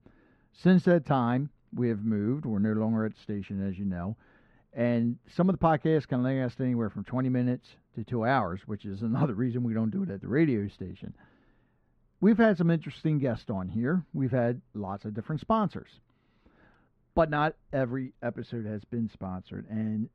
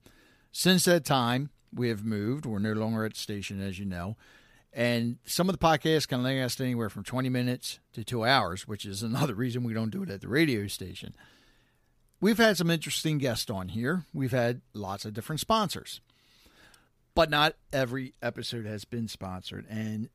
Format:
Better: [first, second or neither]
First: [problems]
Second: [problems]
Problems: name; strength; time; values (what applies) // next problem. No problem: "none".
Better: second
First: muffled; very; fading above 1.5 kHz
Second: none